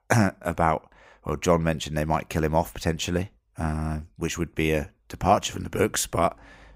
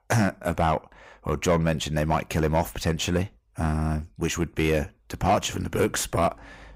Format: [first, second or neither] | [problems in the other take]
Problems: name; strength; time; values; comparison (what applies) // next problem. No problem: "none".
first | distortion; slight; 10 dB below the speech